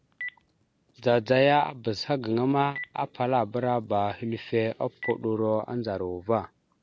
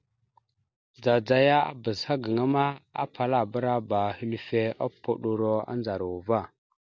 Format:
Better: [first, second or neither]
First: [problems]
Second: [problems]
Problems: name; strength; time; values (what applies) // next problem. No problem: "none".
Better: second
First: background sound (Telephone); 20 dB below the speech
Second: none